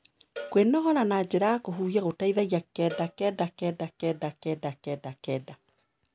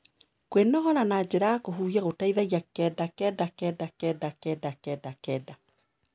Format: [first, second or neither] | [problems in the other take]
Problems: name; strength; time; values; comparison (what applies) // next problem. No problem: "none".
second | background sound (Cowbell); 19 dB below the speech